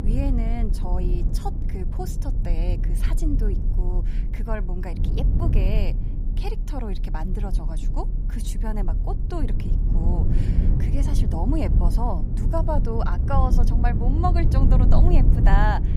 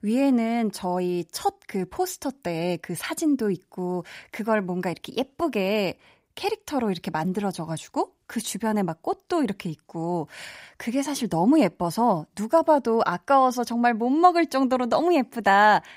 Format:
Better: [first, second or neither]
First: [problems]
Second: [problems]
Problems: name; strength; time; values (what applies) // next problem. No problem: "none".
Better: second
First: low rumble; loud; throughout; 6 dB below the speech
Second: none